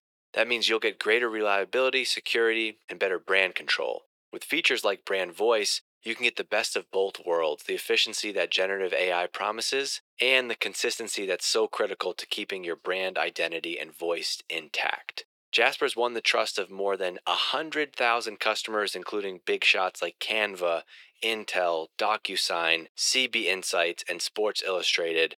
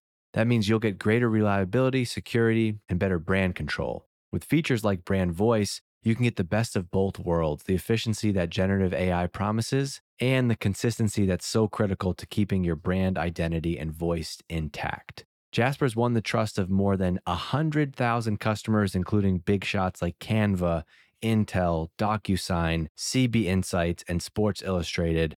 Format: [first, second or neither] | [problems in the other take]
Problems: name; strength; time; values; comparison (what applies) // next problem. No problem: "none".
second | thin; very; fading below 400 Hz